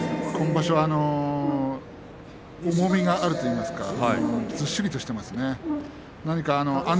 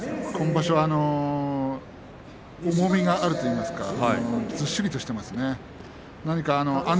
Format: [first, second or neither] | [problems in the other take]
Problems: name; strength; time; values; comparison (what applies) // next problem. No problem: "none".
second | background sound (Strum + Brass instrument); 11 dB below the speech